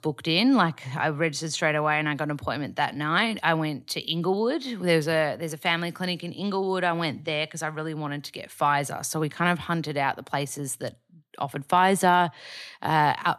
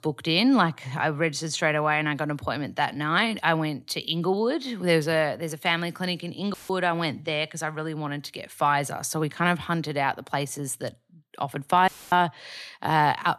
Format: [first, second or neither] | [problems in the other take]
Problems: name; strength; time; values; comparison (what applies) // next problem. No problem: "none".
first | audio cutting out; filled with static; at 6.5 s and at 12 s